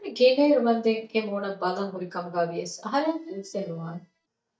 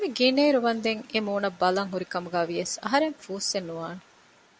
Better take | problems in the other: second | noise reduction (neural mask model DeepFilterNet 3)

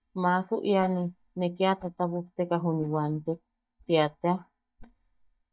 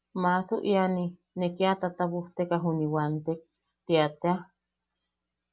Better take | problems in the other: second | noise reduction (neural mask model DeepFilterNet 3)

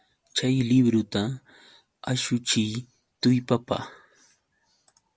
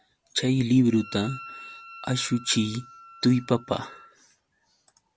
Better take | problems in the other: first | background sound (Wind instrument, woodwind instrument); 18 dB below the speech

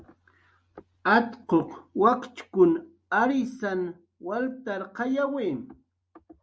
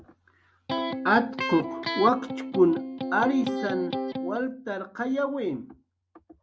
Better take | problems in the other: first | background sound (Electric guitar); 4 dB below the speech

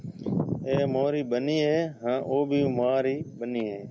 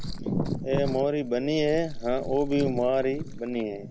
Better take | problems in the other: first | background sound (Liquid); 10 dB below the speech

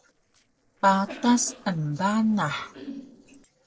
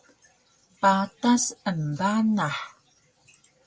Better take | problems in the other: second | noise reduction (neural separator model SepFormer DNS4)

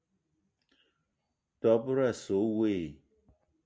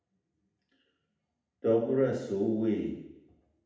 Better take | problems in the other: first | room echo; dies away in 0.8 s

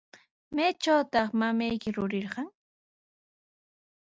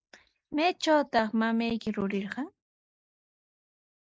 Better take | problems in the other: first | noise reduction (neural mask model Resemble Enhance denoiser)

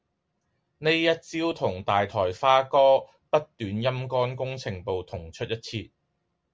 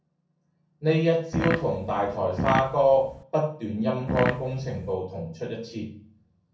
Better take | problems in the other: first | background sound (Fart); 4 dB below the speech // room echo; dies away in 0.6 s

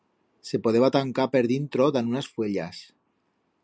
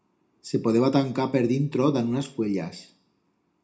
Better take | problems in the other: first | room echo; dies away in 0.4 s

